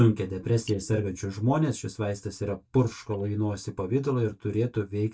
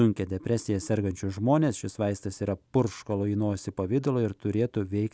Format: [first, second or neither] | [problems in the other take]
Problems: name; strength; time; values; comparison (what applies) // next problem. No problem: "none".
second | noise reduction (neural mask model DeepFilterNet 3)